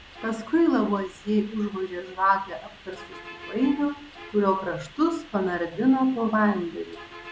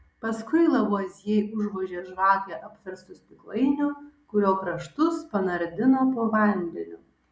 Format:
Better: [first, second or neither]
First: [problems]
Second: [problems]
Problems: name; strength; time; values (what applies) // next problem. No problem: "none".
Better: second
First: background sound (Bus); 20 dB below the speech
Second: none